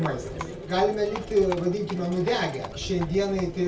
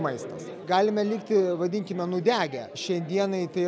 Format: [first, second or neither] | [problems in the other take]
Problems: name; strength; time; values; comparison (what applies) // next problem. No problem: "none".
second | background sound (Livestock, farm animals, working animals); 12 dB below the speech // room echo; dies away in 0.2 s